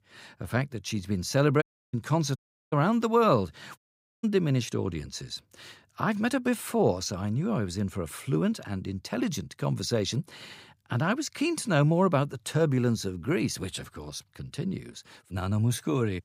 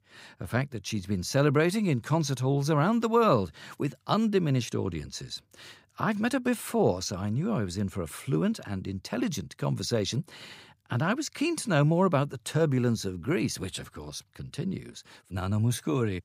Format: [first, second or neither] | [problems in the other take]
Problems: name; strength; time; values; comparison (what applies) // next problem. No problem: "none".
second | audio cutting out; at 1.5 s, at 2.5 s and at 4 s